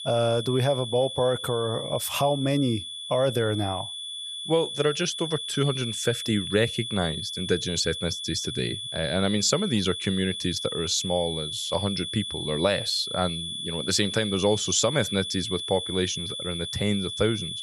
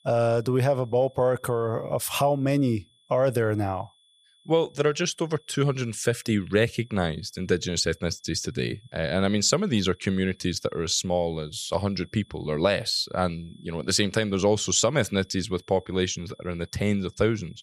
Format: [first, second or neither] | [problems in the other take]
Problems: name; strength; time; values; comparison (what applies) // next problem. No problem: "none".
second | high-pitched whine; loud; throughout; 3.5 kHz, 5 dB below the speech; faint in the second